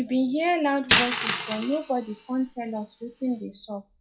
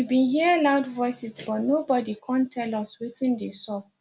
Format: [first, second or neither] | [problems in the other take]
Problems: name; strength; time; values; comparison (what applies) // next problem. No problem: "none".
second | noise reduction (classical method log-MMSE)